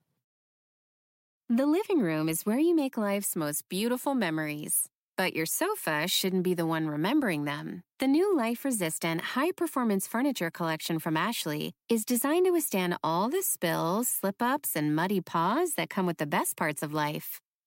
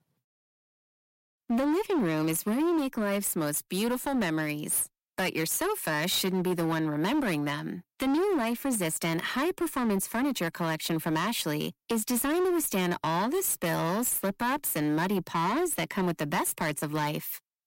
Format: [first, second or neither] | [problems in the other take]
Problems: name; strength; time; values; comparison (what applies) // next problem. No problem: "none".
first | distortion; slight; 17% of the sound clipped